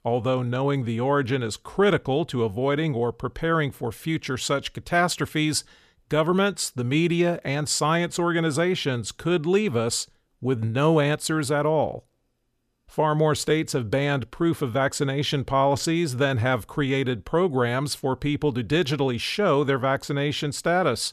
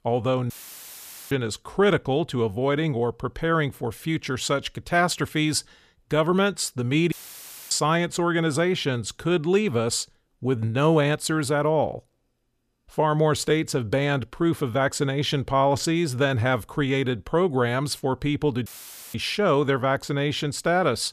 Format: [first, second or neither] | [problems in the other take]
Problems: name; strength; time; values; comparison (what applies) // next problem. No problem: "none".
first | audio cutting out; filled with static; at 0.5 s for 1 s, at 7 s for 0.5 s and at 19 s